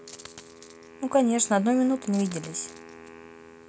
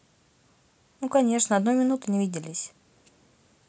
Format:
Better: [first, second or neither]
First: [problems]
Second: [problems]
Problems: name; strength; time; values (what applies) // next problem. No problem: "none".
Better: second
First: background sound (Coin (dropping) + Wind instrument, woodwind instrument); 18 dB below the speech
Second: none